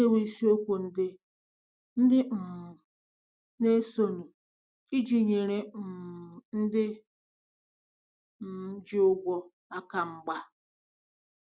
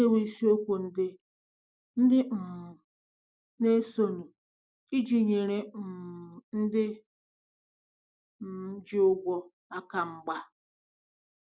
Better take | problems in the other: first | noise reduction (neural mask model Resemble Enhance denoiser)

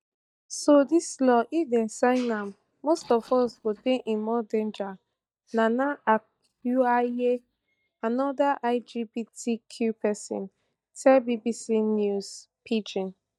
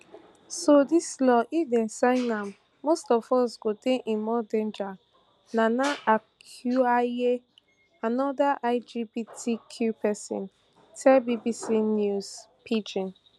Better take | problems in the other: second | noise reduction (neural mask model DeepFilterNet 3)

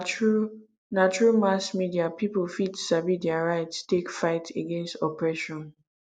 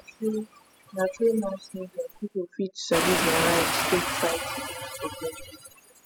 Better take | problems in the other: first | noise reduction (classical method spectral subtraction)

